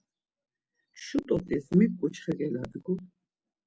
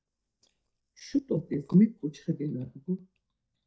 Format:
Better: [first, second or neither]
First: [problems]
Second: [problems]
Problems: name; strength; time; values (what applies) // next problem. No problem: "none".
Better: first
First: none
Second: noise reduction (neural mask model DeepFilterNet 3)